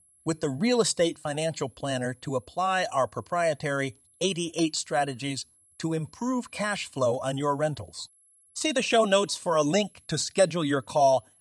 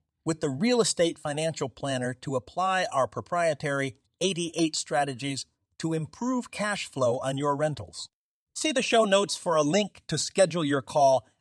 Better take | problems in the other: second | high-pitched whine; faint; throughout; 11 kHz, 30 dB below the speech

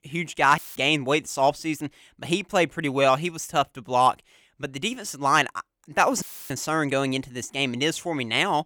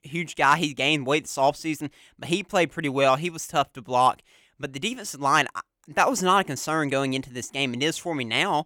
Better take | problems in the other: second | audio cutting out; filled with static; at 0.5 s and at 6 s

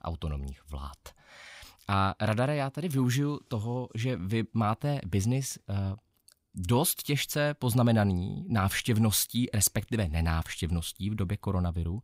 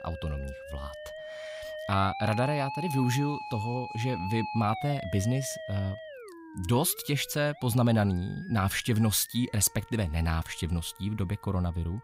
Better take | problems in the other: first | background music; noticeable; throughout; 10 dB below the speech

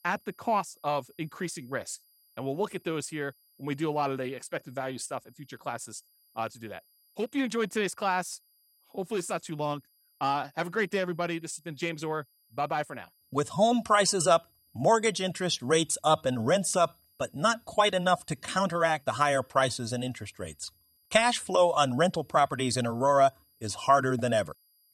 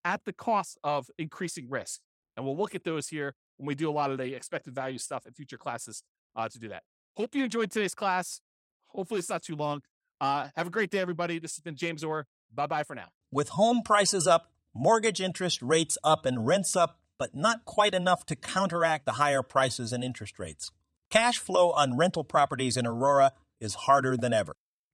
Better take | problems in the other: second | high-pitched whine; faint; throughout; 11.5 kHz, 35 dB below the speech

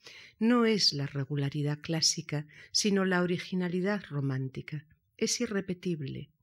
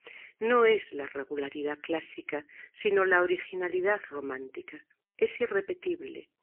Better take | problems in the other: first | phone-call audio; poor line; nothing above 3 kHz

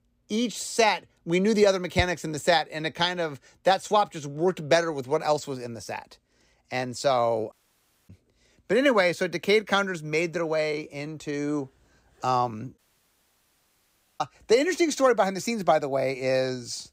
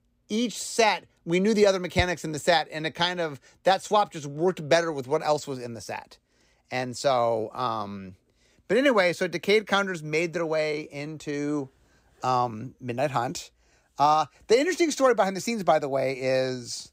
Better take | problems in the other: second | audio cutting out; at 7.5 s for 0.5 s and at 13 s for 1.5 s

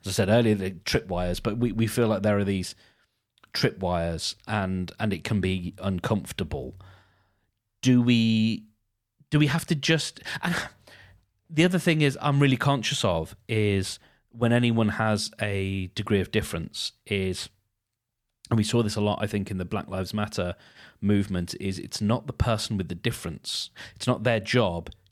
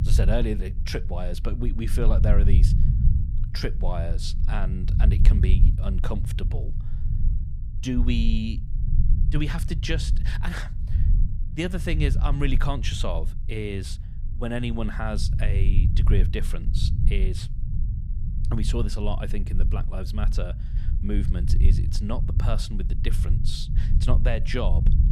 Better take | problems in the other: first | low rumble; loud; throughout; 9 dB below the speech

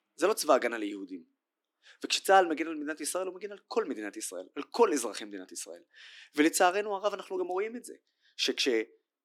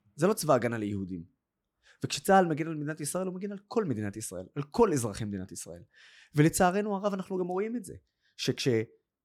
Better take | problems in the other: second | thin; somewhat; fading below 300 Hz

